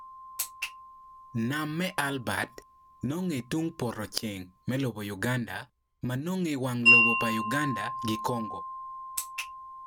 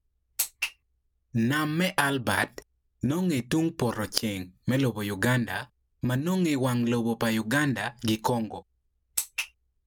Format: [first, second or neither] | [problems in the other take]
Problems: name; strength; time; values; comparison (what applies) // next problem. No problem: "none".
second | background sound (Wind chime); as loud as the speech